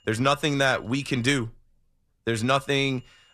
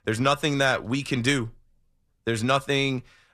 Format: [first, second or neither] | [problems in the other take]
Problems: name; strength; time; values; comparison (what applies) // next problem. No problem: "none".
second | high-pitched whine; faint; until 1.5 s and at 2.5 s; 3 kHz, 35 dB below the speech